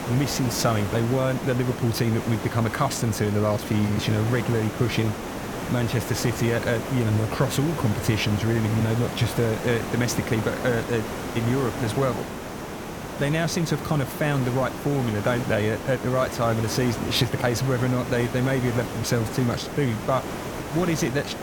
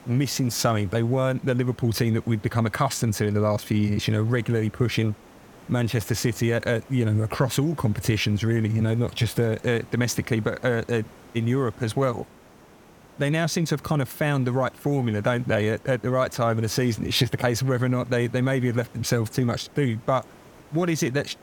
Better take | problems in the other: second | hiss; loud; throughout; 7 dB below the speech; faint in the second

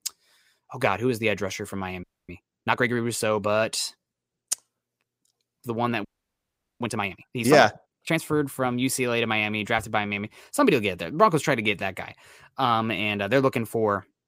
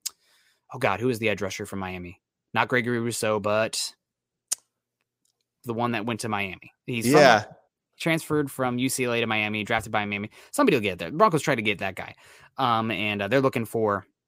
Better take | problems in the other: second | audio freezing; at 2 s and at 6 s for 1 s

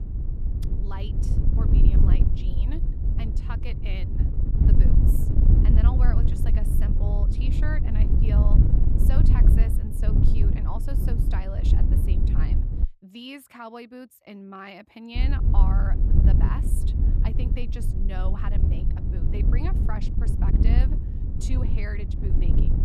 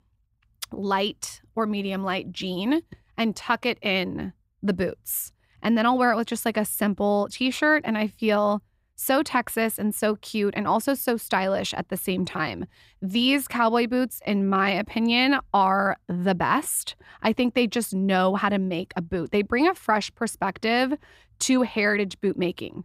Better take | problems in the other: second | wind noise on the microphone; heavy; until 13 s and from 15 s on; 1 dB above the speech

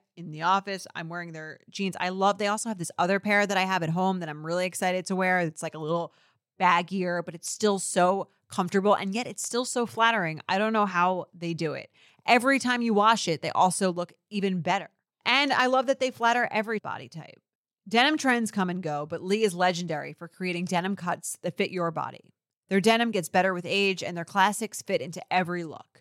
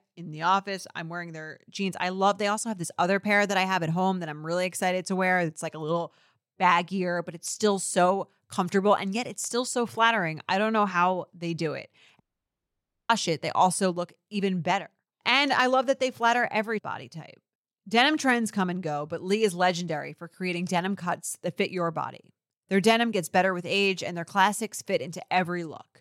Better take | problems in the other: first | audio cutting out; at 12 s for 1 s

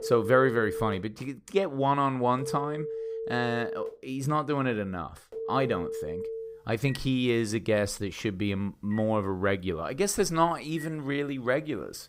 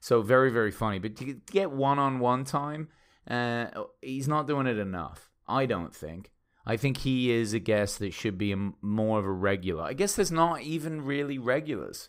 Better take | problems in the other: second | alarms or sirens; loud; throughout; 8 dB below the speech

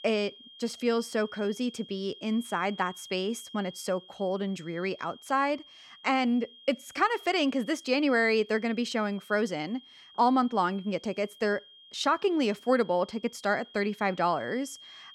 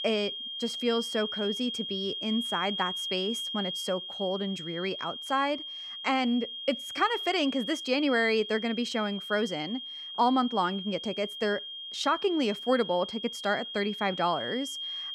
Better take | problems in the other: first | high-pitched whine; loud; throughout; 3 kHz, 5 dB below the speech; faint in the first

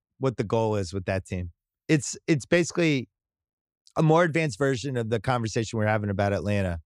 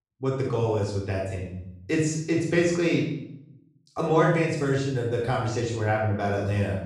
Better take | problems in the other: first | off-mic speech; far // room echo; noticeable; dies away in 0.7 s

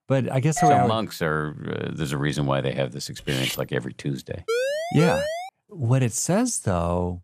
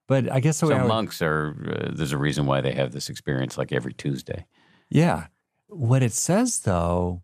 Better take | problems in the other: second | doorbell; loud; at 0.5 s; peak 4 dB above the speech // clattering dishes; noticeable; at 3 s; peak 3 dB below the speech // siren; noticeable; from 4.5 to 5.5 s; peak level with the speech

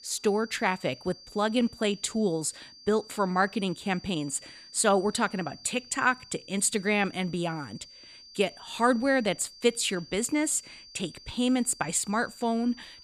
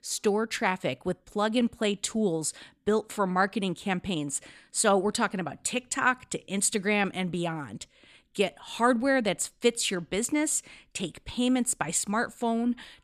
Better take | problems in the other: second | high-pitched whine; noticeable; throughout; 4.5 kHz, 20 dB below the speech

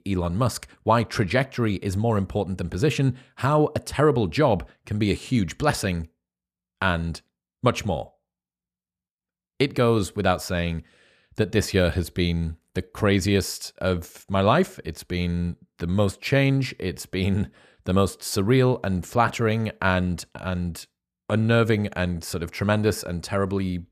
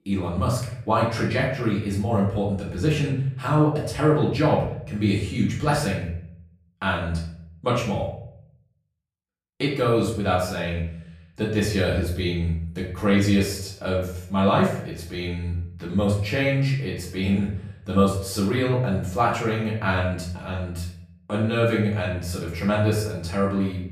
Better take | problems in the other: first | off-mic speech; far // room echo; noticeable; dies away in 0.6 s

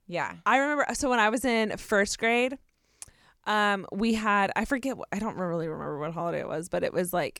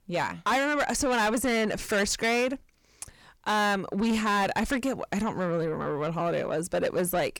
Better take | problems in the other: first | distortion; heavy; 8 dB below the speech

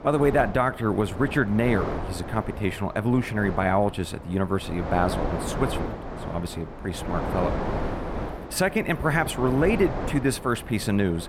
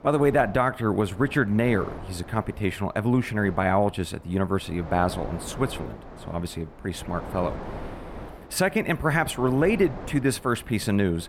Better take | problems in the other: second | wind noise on the microphone; heavy; 8 dB below the speech; occasional gusts in the second

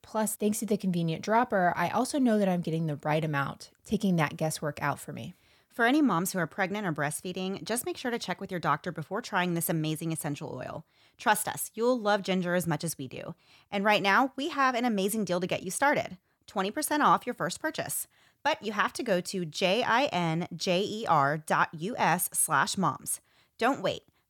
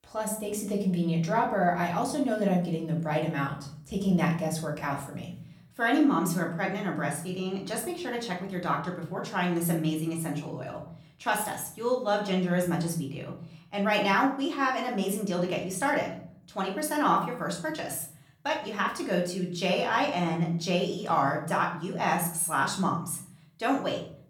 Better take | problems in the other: first | room echo; slight; dies away in 0.6 s // off-mic speech; far

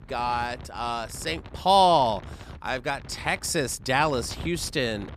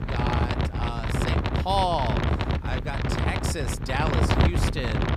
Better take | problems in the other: first | wind noise on the microphone; heavy; as loud as the speech; occasional gusts in the first

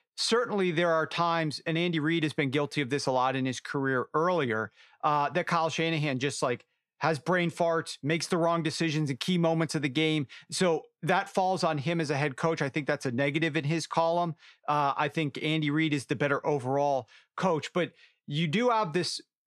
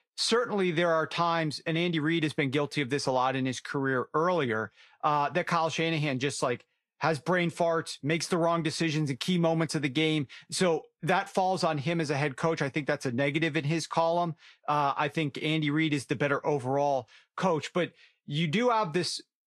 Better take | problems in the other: first | garbled, watery; slightly

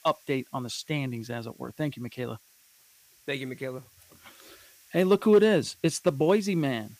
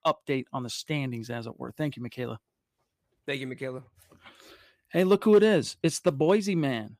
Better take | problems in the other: second | hiss; faint; throughout; 30 dB below the speech

